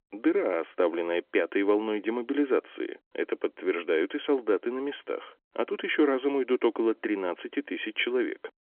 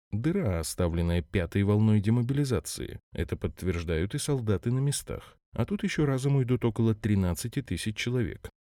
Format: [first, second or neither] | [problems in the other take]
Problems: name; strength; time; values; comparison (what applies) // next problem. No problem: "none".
second | phone-call audio; nothing above 3.5 kHz